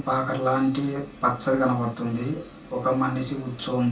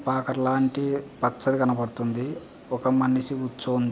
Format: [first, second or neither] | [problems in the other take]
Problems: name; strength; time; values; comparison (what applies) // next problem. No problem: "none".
second | room echo; dies away in 0.2 s